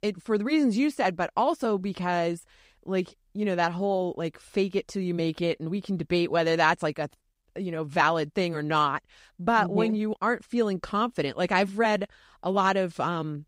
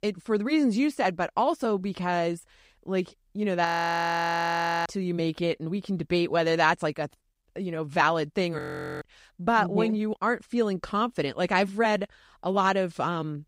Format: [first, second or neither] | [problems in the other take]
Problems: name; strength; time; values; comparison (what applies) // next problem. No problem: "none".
first | audio freezing; at 3.5 s for 1 s and at 8.5 s